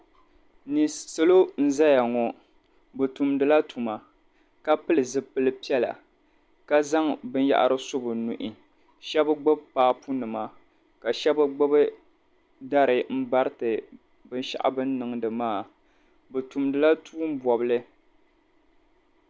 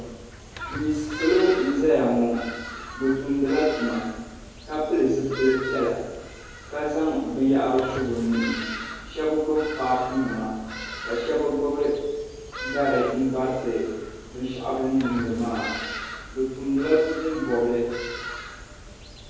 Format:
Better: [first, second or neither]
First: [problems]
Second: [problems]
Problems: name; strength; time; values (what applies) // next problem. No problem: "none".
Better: first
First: none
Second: background sound (Bird vocalization, bird call, bird song); 11 dB below the speech // room echo; dies away in 1.3 s